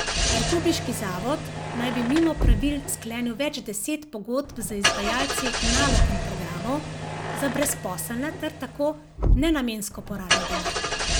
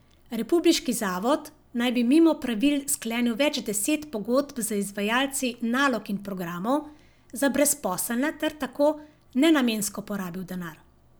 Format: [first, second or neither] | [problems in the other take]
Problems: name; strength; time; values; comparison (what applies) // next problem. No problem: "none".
second | background sound (Engine starting / Car + Thump, thud); 2 dB above the speech